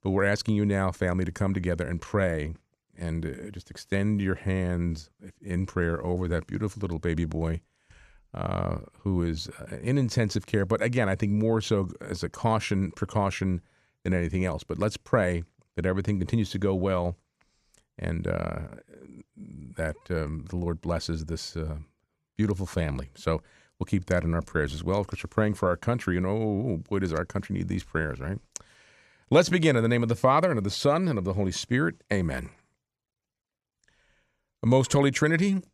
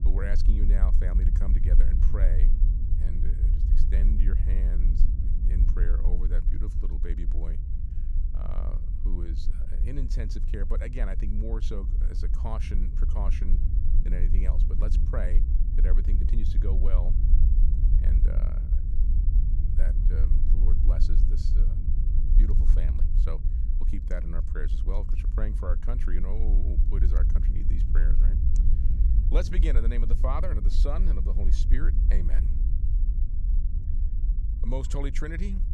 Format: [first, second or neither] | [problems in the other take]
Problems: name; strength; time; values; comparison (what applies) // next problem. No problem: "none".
first | low rumble; loud; throughout; 5 dB below the speech